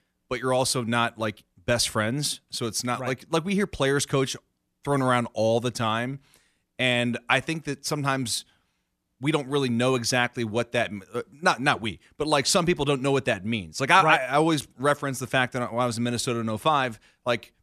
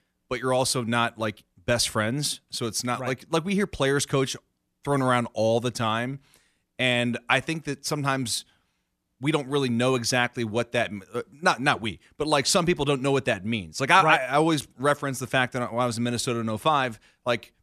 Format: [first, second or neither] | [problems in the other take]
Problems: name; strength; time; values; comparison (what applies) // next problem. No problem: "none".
neither | none